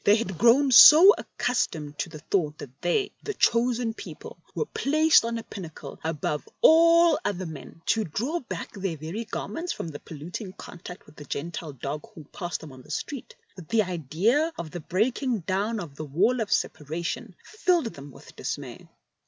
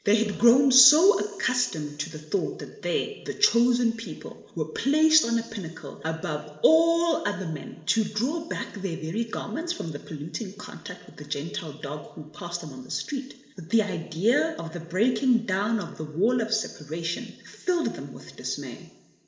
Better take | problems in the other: first | room echo; dies away in 1.7 s

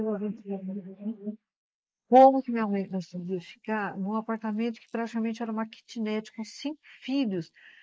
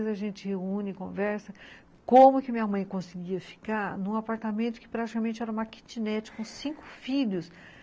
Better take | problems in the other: second | noise reduction (neural mask model Resemble Enhance denoiser)

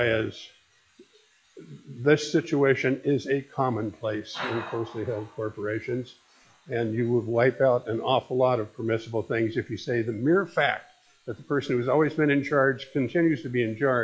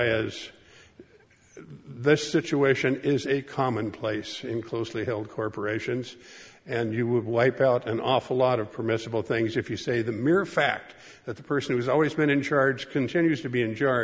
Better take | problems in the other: second | noise reduction (classical method log-MMSE)

